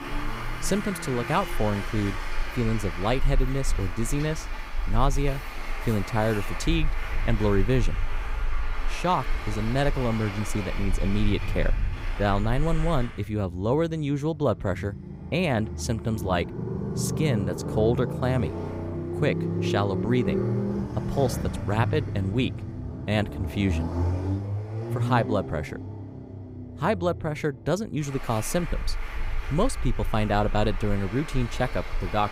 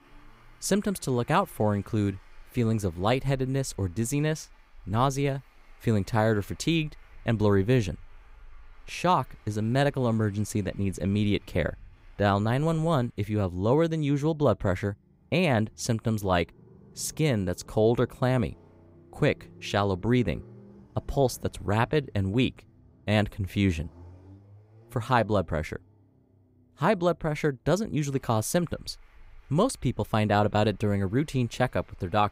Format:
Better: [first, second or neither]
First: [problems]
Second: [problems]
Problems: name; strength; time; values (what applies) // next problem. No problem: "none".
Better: second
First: traffic noise; loud; throughout; 5 dB below the speech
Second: traffic noise; faint; throughout; 25 dB below the speech